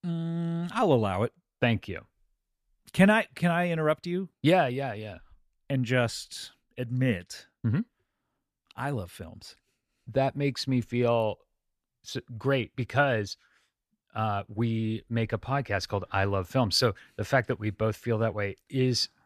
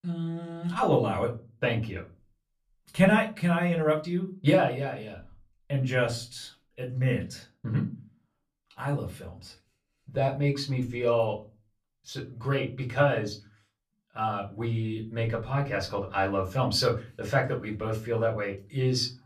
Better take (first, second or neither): first